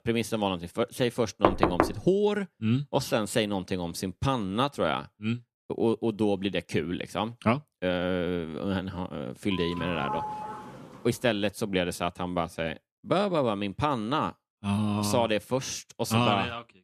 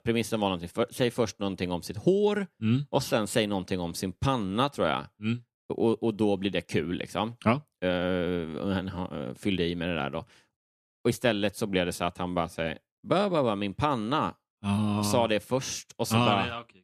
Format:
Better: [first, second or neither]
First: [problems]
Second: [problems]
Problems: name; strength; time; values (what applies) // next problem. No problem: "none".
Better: second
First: door banging; loud; at 1.5 s; peak 4 dB above the speech // doorbell; noticeable; from 9.5 to 11 s; peak 4 dB below the speech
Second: none